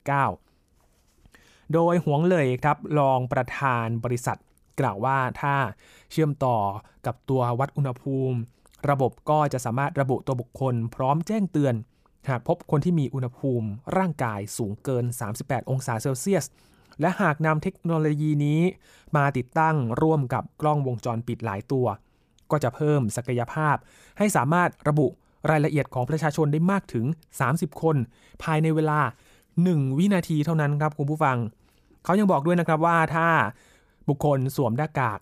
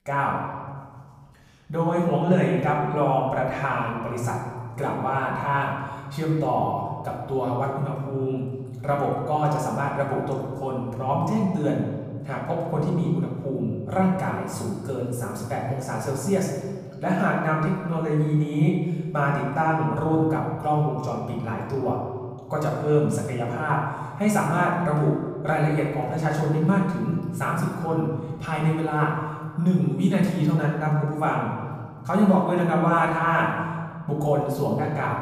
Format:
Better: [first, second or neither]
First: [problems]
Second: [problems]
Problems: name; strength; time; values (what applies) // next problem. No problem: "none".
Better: first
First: none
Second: off-mic speech; far // room echo; noticeable; dies away in 1.4 s